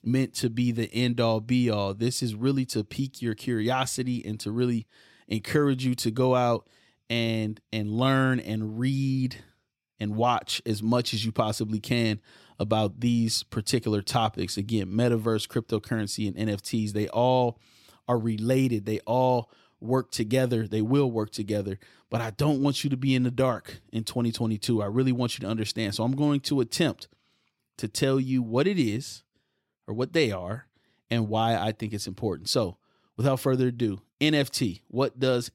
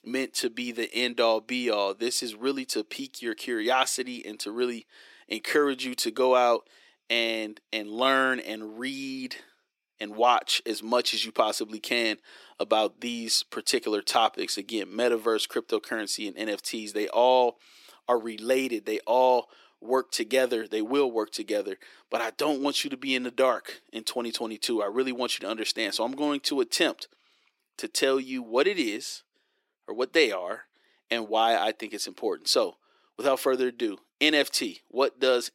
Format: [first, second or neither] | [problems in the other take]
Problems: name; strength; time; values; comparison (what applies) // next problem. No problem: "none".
first | thin; somewhat; fading below 350 Hz